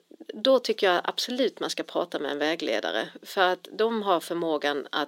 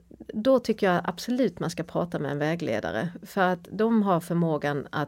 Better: second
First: thin; somewhat; fading below 300 Hz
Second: none

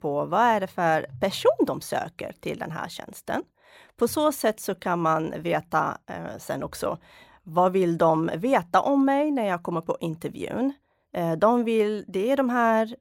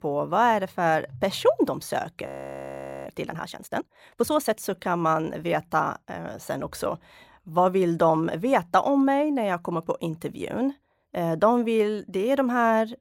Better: first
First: none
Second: audio freezing; at 2.5 s for 1 s

